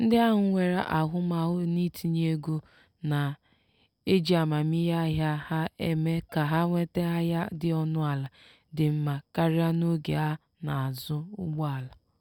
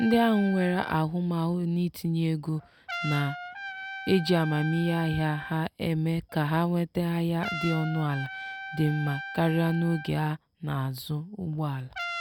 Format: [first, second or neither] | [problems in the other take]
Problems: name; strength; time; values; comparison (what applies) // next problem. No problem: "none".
first | background sound (Trumpet); 12 dB below the speech